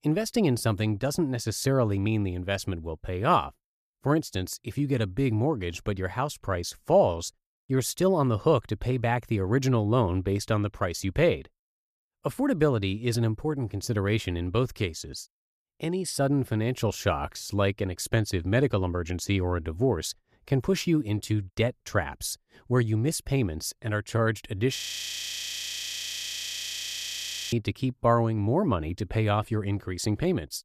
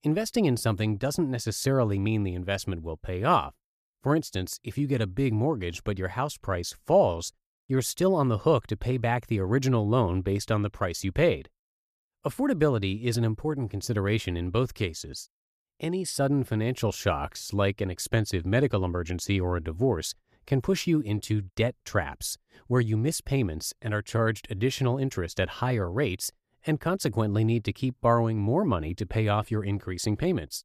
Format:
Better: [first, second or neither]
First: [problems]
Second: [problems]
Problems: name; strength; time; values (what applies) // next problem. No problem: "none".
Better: second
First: audio freezing; at 25 s for 3 s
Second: none